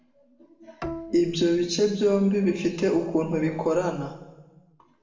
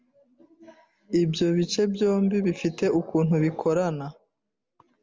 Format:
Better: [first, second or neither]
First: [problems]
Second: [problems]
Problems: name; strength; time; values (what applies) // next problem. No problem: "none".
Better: second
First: background sound (Bowed string instrument); 14 dB below the speech // room echo; dies away in 1 s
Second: none